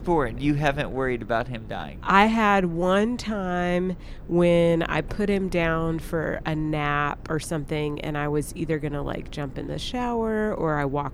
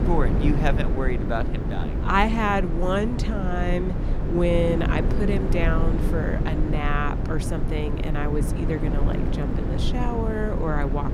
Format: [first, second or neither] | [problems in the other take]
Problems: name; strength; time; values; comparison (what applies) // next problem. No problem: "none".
first | low rumble; loud; throughout; 6 dB below the speech; faint in the first